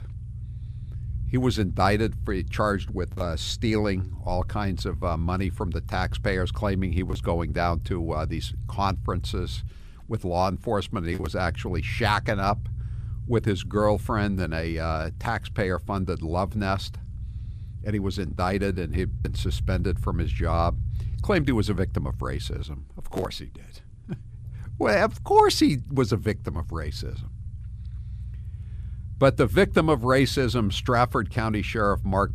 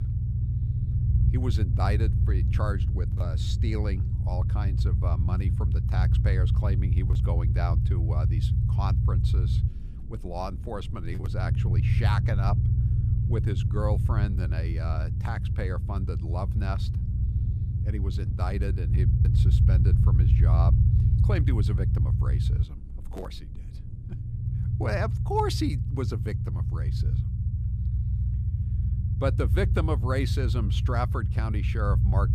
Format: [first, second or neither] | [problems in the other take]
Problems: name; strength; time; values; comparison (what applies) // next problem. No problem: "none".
first | low rumble; loud; throughout; 5 dB below the speech; faint in the first